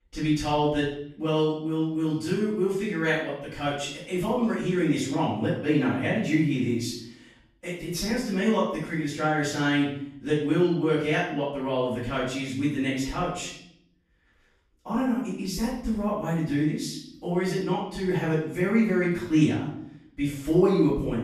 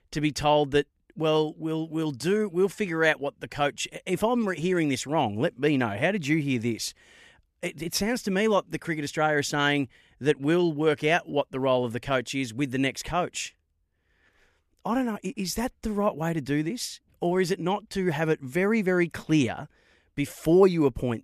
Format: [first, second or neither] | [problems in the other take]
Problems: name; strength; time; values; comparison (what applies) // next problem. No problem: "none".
second | off-mic speech; far // room echo; noticeable; dies away in 0.6 s